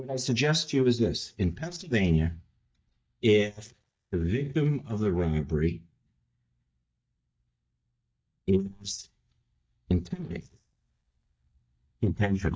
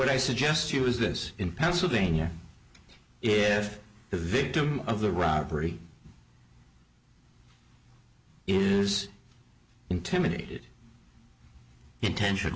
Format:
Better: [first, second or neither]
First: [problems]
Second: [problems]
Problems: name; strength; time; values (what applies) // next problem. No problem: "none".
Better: second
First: noise reduction (neural mask model DeepFilterNet 3)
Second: none